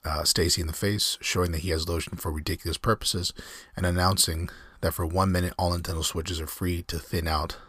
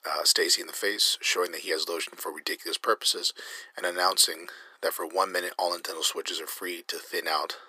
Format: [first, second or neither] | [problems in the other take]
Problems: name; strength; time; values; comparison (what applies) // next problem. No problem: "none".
first | thin; very; fading below 350 Hz